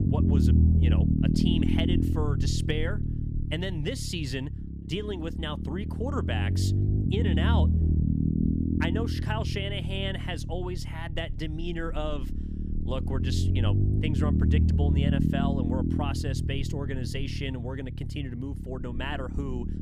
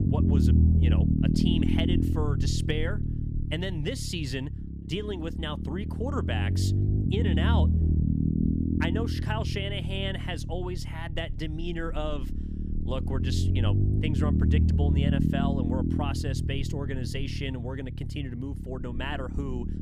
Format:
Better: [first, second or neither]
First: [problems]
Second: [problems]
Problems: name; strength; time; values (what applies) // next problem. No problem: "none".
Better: neither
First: low rumble; loud; throughout; 1 dB below the speech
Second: low rumble; loud; throughout; 1 dB below the speech